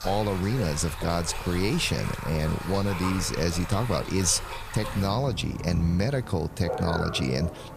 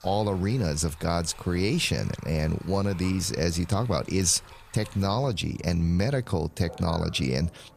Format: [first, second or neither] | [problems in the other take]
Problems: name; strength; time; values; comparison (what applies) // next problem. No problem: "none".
second | rain or running water; loud; throughout; 9 dB below the speech; faint in the second